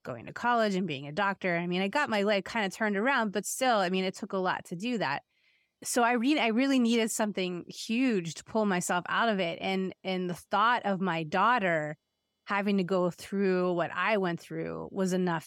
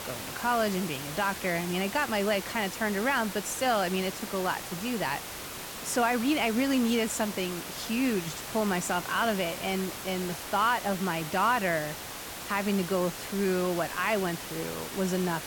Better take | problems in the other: first | hiss; loud; throughout; 8 dB below the speech

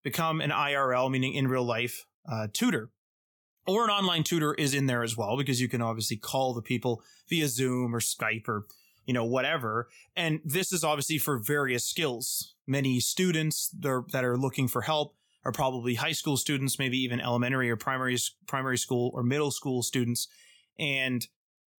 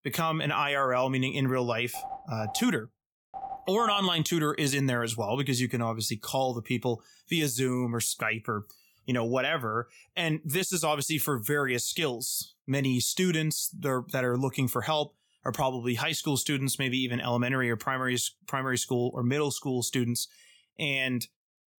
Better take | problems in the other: first | phone ringing; faint; from 2 to 4 s; peak 10 dB below the speech

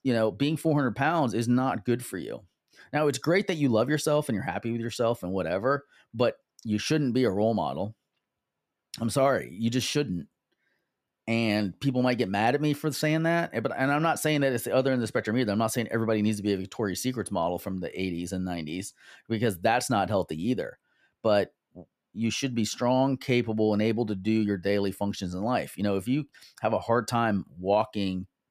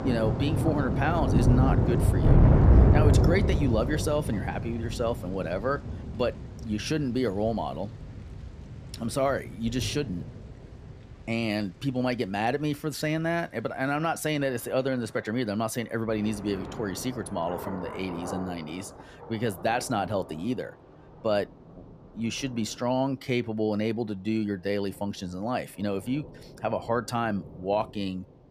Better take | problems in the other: first | rain or running water; very loud; throughout; 4 dB above the speech

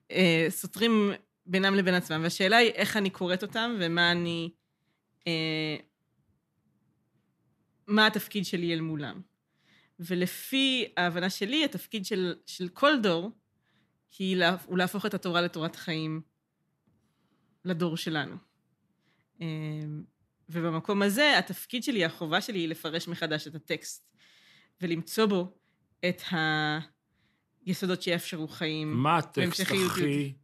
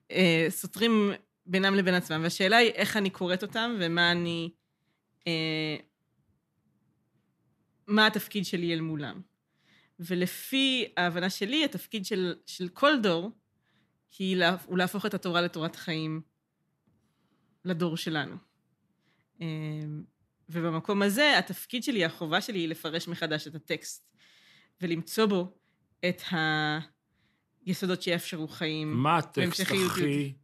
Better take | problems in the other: neither | none

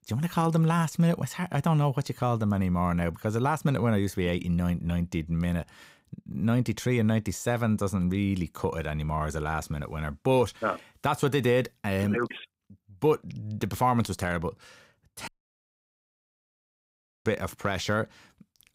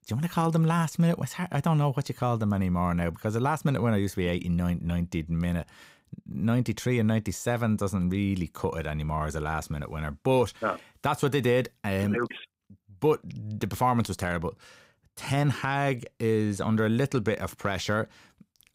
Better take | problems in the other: second | audio cutting out; at 15 s for 2 s

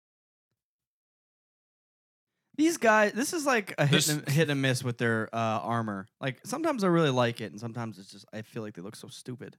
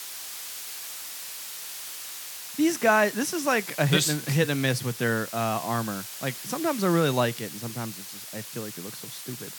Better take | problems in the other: first | hiss; noticeable; throughout; 10 dB below the speech

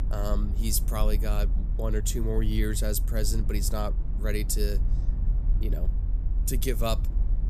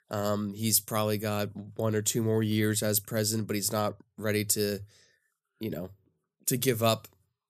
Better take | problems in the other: second | low rumble; noticeable; throughout; 15 dB below the speech

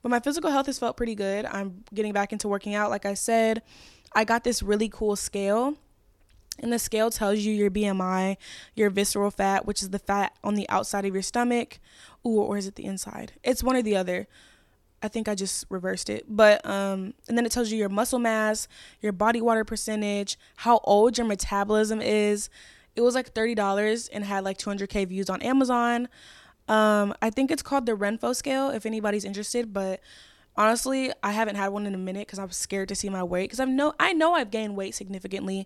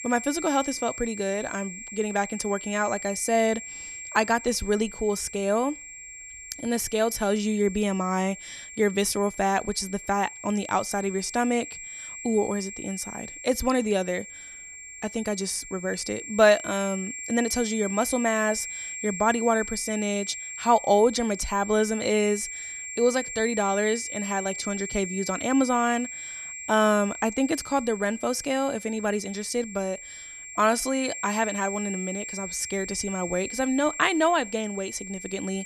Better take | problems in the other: first | high-pitched whine; loud; throughout; 7.5 kHz, 9 dB below the speech

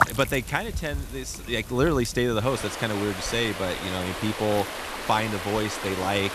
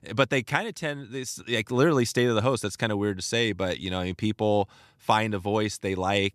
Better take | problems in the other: second | rain or running water; loud; throughout; 6 dB below the speech

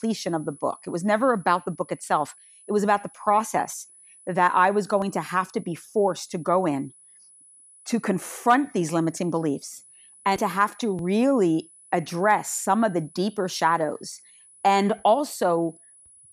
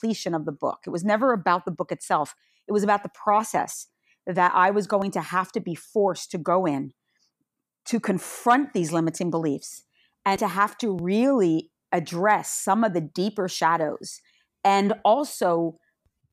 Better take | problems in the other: second | high-pitched whine; faint; throughout; 10 kHz, 25 dB below the speech

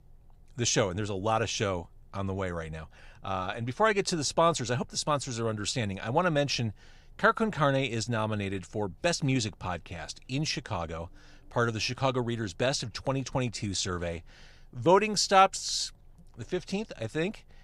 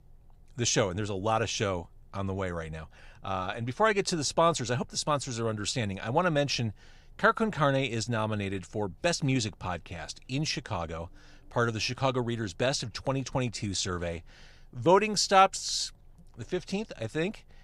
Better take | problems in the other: neither | none

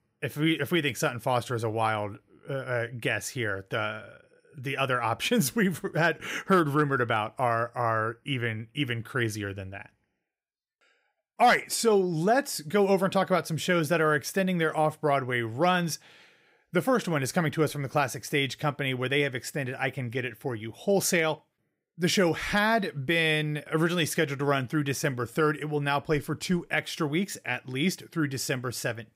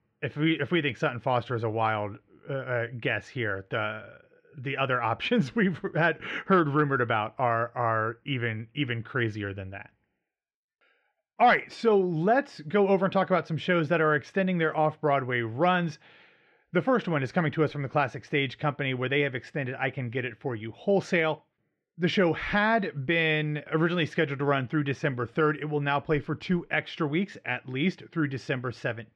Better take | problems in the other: first | muffled; slightly; fading above 3 kHz

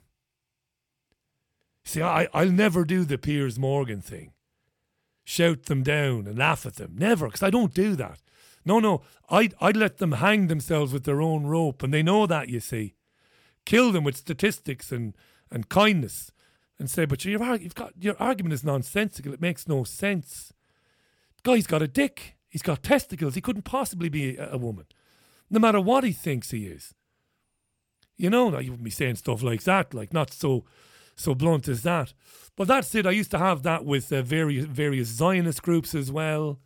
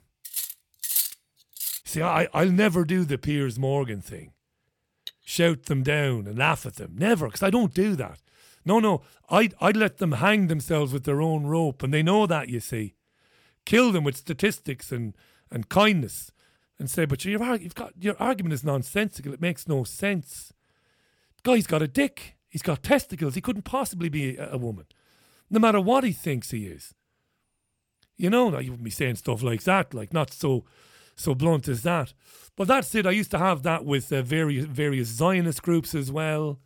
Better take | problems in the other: first | clattering dishes; loud; until 2 s; peak 1 dB above the speech // clattering dishes; very faint; at 5 s; peak 15 dB below the speech

